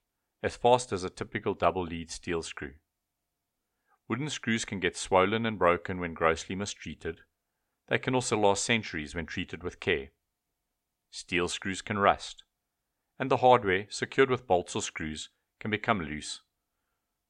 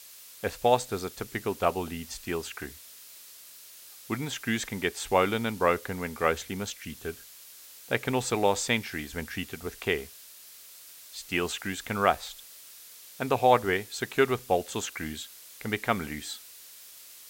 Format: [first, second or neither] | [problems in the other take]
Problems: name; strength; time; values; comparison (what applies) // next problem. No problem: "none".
first | hiss; noticeable; throughout; 15 dB below the speech